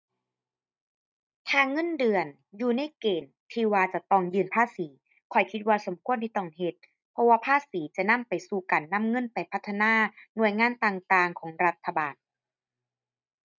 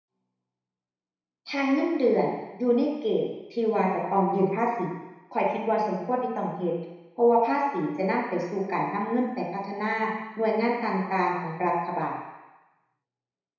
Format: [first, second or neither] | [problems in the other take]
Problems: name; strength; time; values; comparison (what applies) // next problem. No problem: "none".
first | room echo; dies away in 1 s